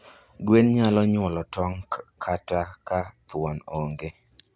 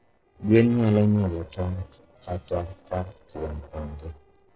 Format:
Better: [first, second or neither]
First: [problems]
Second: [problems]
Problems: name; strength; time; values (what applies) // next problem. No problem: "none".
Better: first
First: none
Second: noise reduction (neural separator model SepFormer DNS4)